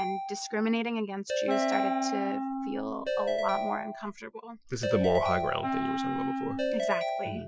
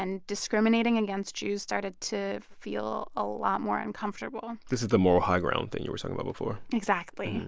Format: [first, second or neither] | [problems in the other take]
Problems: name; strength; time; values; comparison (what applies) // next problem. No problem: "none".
second | noise reduction (classical method Wiener filter)